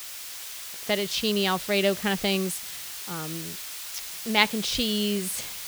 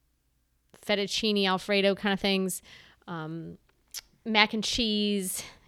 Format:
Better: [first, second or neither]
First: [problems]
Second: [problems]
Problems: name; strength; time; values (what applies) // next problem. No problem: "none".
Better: second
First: hiss; loud; throughout; 9 dB below the speech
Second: none